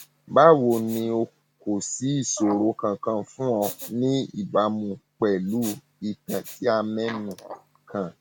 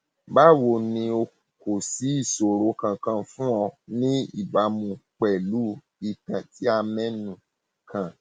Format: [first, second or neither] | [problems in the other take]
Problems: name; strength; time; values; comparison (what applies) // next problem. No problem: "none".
second | background sound (Respiratory sounds); 18 dB below the speech